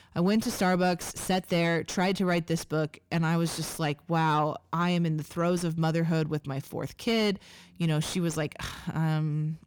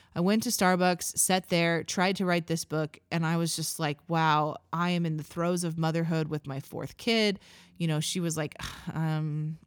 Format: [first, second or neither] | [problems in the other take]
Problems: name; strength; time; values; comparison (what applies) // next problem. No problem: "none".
second | distortion; slight; 10 dB below the speech